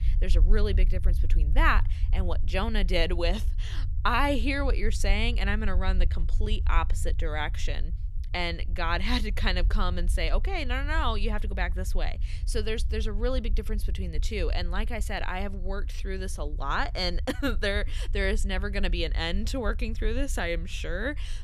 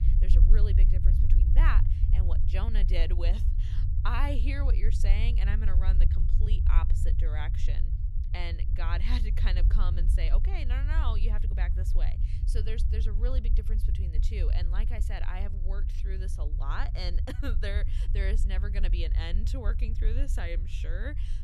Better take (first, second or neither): first